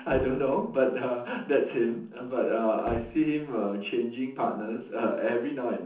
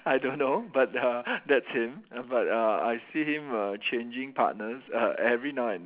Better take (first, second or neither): second